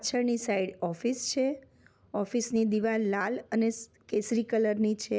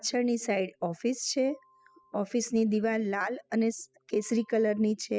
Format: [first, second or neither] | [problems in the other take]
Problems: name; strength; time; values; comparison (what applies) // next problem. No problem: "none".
first | noise reduction (classical method spectral subtraction)